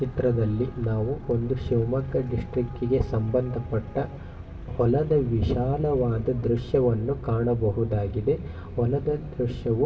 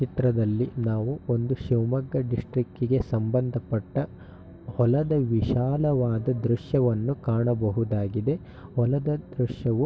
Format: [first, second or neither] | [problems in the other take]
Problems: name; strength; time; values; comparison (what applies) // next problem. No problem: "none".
second | background sound (Traffic noise, roadway noise); 14 dB below the speech // room echo; dies away in 0.8 s